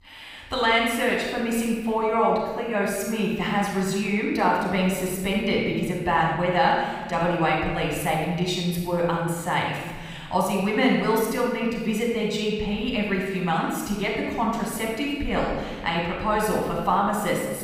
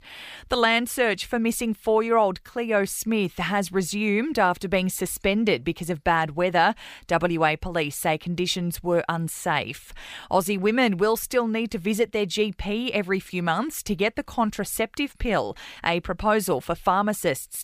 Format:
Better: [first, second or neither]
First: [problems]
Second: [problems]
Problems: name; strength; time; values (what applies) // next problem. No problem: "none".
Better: second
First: off-mic speech; far // room echo; noticeable; dies away in 1.4 s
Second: none